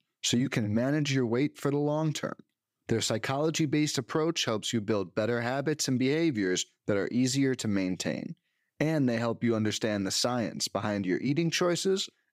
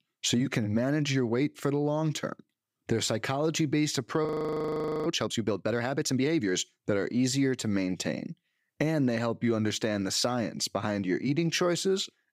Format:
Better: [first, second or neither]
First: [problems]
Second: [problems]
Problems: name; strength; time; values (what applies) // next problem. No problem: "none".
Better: first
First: none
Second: audio freezing; at 4.5 s for 1 s